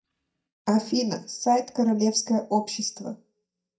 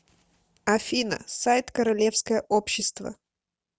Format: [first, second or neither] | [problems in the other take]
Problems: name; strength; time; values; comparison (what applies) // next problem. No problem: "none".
second | noise reduction (neural mask model DeepFilterNet 3)